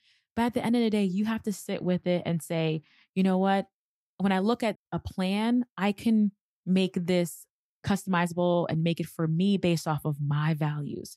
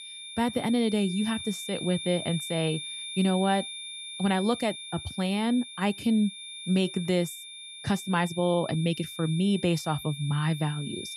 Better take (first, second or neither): first